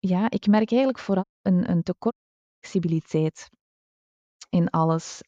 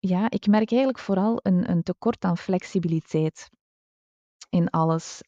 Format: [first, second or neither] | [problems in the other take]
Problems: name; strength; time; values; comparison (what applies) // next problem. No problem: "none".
second | audio cutting out; at 1 s and at 2 s for 0.5 s